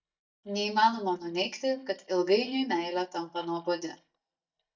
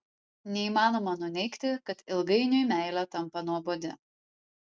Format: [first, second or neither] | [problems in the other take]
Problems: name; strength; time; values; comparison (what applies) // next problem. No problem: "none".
second | noise reduction (neural mask model DeepFilterNet 3)